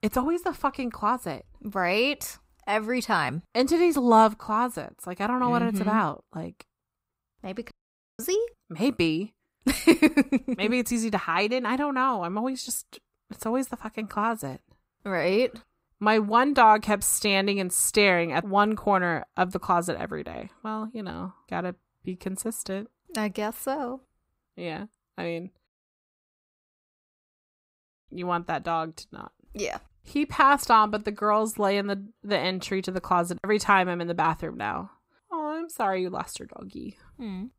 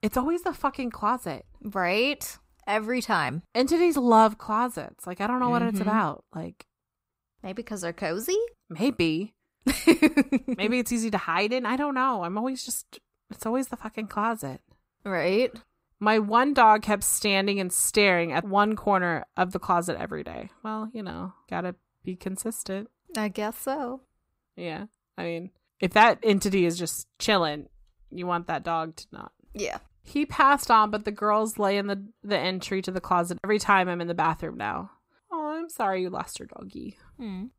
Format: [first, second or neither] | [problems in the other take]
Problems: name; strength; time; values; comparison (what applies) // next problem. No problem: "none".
second | audio cutting out; at 7.5 s and at 26 s for 2.5 s